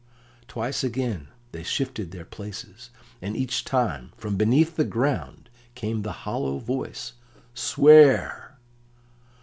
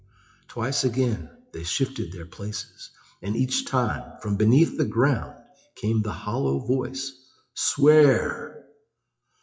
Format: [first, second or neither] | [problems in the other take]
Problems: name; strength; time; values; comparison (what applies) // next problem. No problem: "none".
first | noise reduction (classical method WPE with log-MMSE)